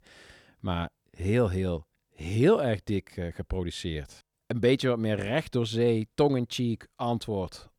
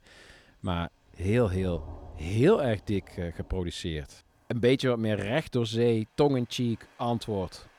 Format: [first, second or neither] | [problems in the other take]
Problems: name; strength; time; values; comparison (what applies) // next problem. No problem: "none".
first | rain or running water; faint; throughout; 20 dB below the speech